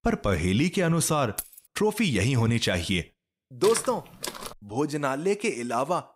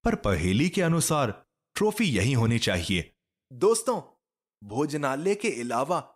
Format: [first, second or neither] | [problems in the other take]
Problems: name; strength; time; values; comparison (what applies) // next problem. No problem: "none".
second | jangling keys; faint; at 1.5 s; peak 10 dB below the speech // footsteps; noticeable; at 3.5 s; peak 8 dB below the speech